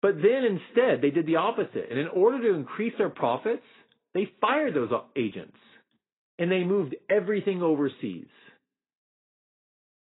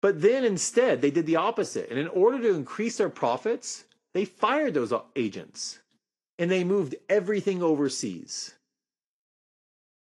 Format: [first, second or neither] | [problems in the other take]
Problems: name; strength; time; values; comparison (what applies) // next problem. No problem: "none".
second | garbled, watery; badly; nothing above 4 kHz; slightly in the second